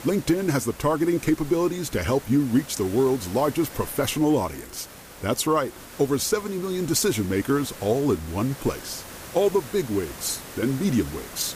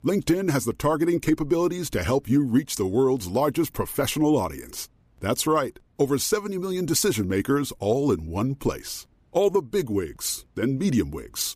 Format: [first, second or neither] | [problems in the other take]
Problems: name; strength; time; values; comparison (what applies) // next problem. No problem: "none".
second | hiss; noticeable; throughout; 15 dB below the speech